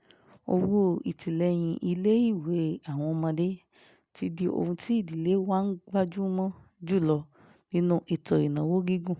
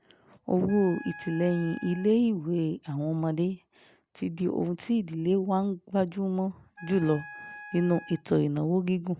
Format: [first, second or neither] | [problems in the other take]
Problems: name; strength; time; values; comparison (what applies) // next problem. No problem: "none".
first | background sound (Wind instrument, woodwind instrument); 18 dB below the speech